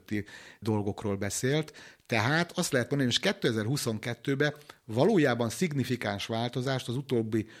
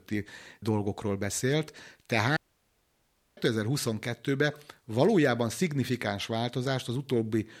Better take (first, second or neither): first